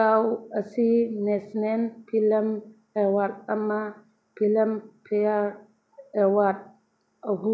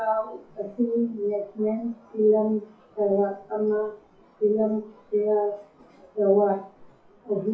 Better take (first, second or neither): first